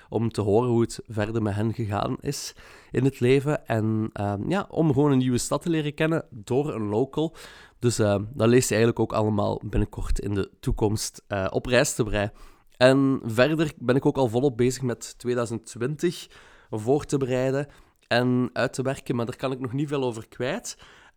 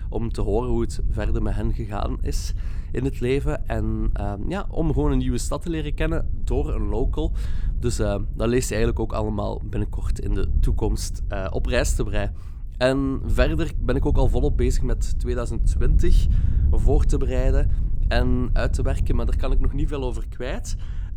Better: first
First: none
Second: wind noise on the microphone; occasional gusts; 15 dB below the speech

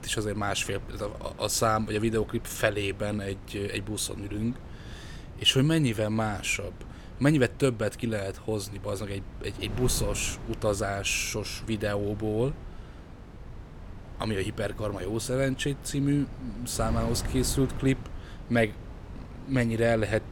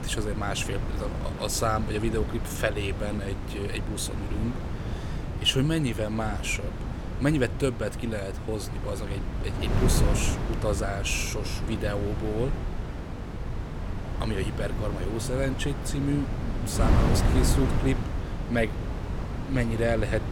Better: first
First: wind noise on the microphone; occasional gusts; 20 dB below the speech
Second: wind noise on the microphone; heavy; 6 dB below the speech

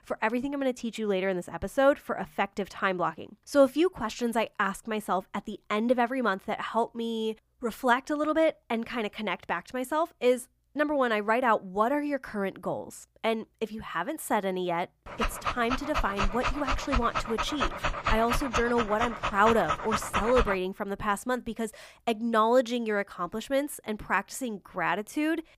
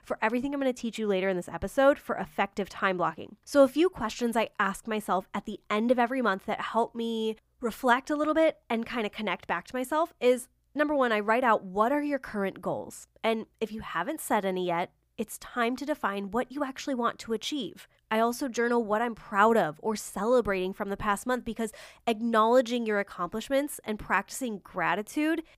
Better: second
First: dog barking; noticeable; from 15 to 21 s; peak level with the speech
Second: none

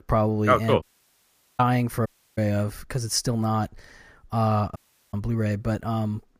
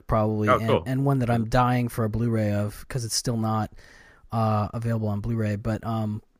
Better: second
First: audio cutting out; at 1 s for 1 s, at 2 s and at 5 s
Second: none

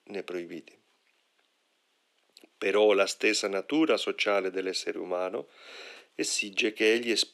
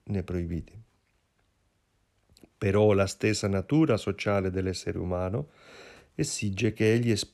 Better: second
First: thin; somewhat; fading below 300 Hz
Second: none

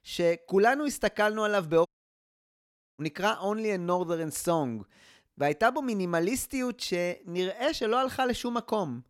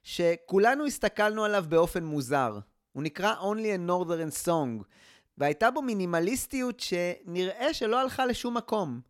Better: second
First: audio cutting out; at 2 s for 1 s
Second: none

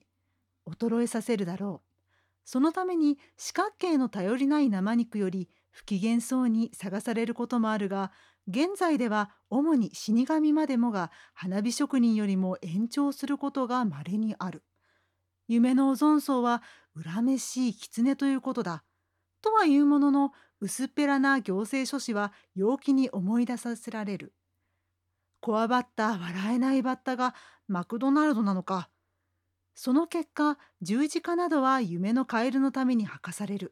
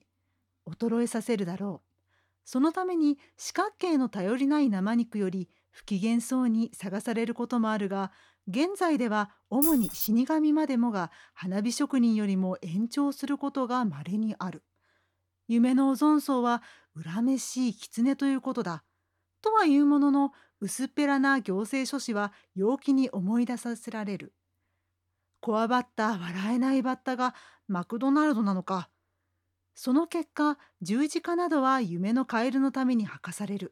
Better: first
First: none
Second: jangling keys; loud; at 9.5 s; peak 1 dB above the speech

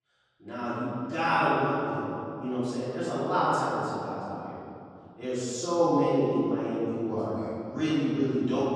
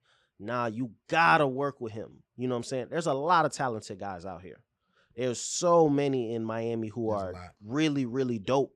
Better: second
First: off-mic speech; far // room echo; strong; dies away in 2.7 s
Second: none

